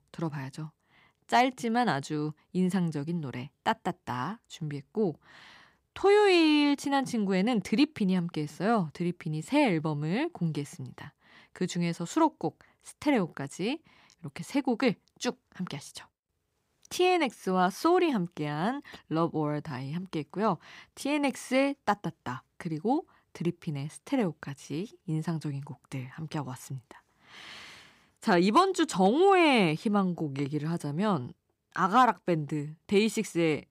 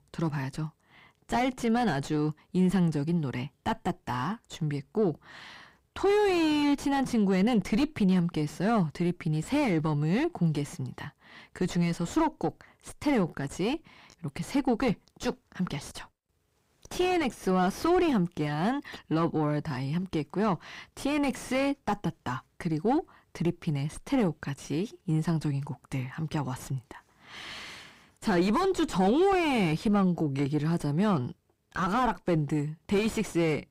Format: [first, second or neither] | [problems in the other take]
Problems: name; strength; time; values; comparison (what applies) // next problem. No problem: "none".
first | distortion; heavy; 4 dB below the speech